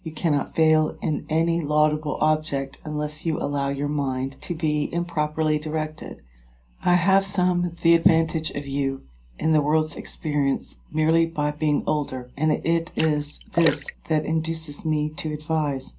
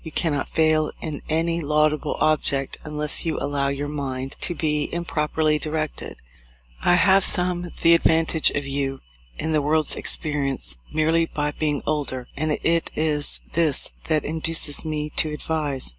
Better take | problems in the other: second | background sound (Splash, splatter); 10 dB below the speech // room echo; dies away in 0.3 s

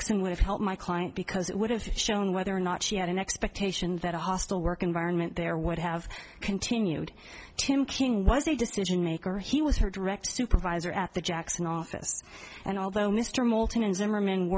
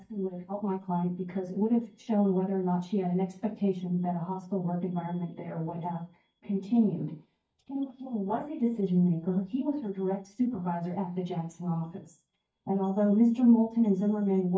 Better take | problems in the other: first | noise reduction (neural mask model DeepFilterNet 3)

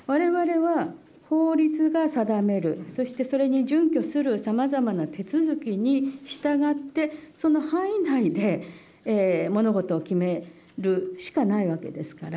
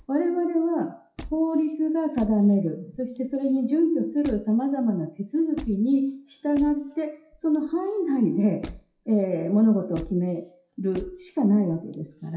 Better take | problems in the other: first | noise reduction (classical method WPE with log-MMSE)

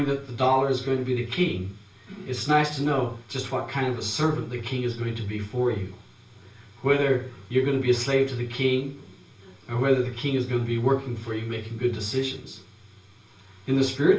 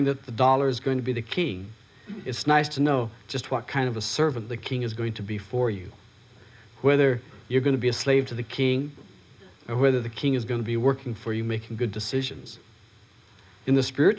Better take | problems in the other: second | room echo; dies away in 0.3 s

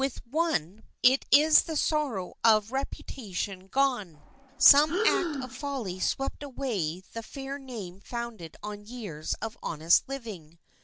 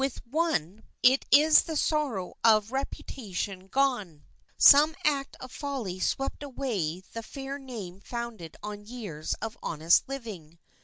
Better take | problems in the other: second | background sound (Breathing); 5 dB below the speech

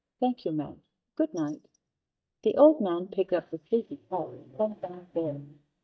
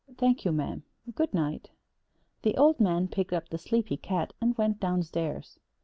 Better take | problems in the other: second | noise reduction (neural mask model DeepFilterNet 3)

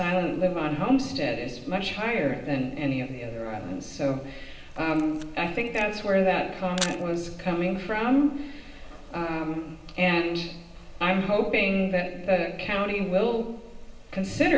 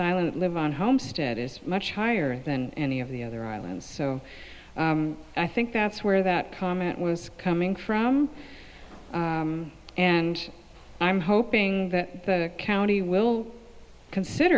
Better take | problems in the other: second | background sound (Camera); 15 dB below the speech // room echo; dies away in 1 s

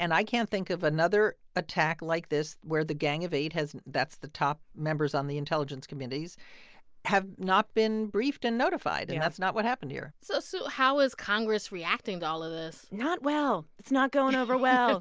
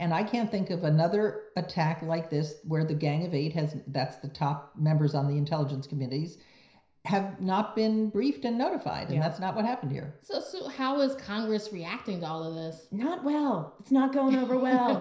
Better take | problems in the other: first | room echo; dies away in 0.5 s

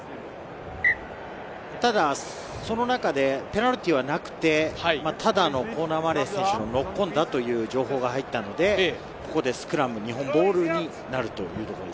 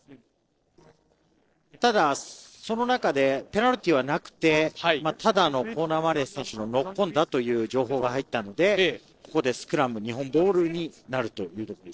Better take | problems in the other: first | noise reduction (neural separator model SepFormer DNS4)

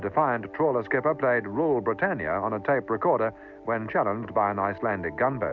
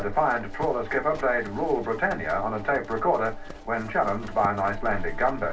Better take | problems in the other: first | background sound (Livestock, farm animals, working animals); 9 dB below the speech // room echo; dies away in 0.2 s

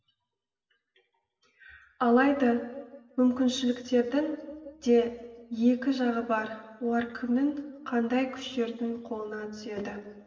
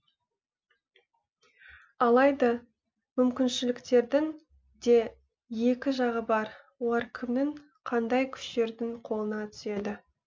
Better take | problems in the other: second | room echo; dies away in 1.4 s

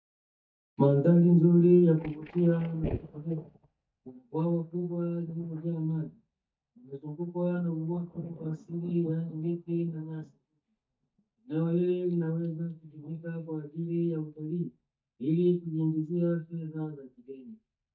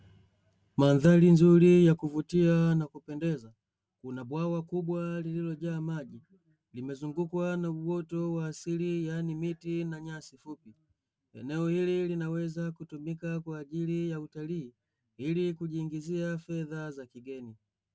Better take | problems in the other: second | noise reduction (neural mask model DeepFilterNet 3)

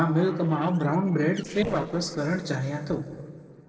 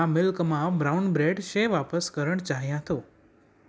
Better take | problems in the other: second | noise reduction (neural separator model SepFormer DNS4)

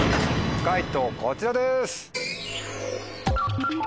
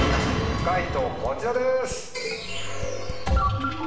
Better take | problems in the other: first | background sound (Dishes, pots, and pans); 15 dB below the speech // room echo; dies away in 0.9 s

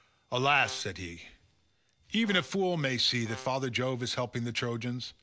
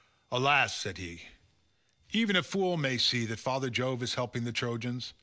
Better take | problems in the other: second | background sound (Brass instrument); 19 dB below the speech

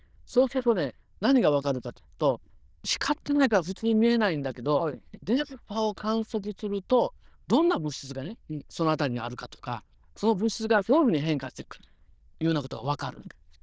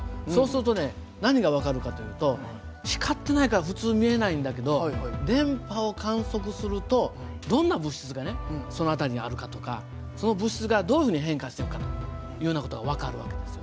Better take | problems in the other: second | noise reduction (neural diffusion model UNIVERSE++)

